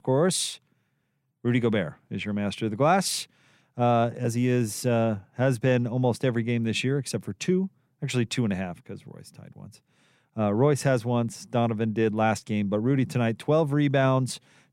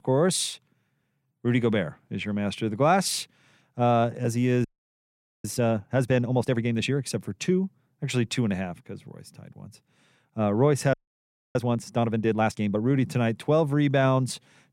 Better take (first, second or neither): first